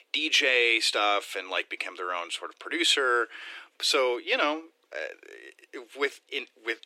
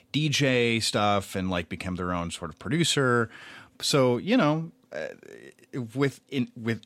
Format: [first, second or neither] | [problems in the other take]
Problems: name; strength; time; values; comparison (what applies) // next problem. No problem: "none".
second | thin; very; fading below 300 Hz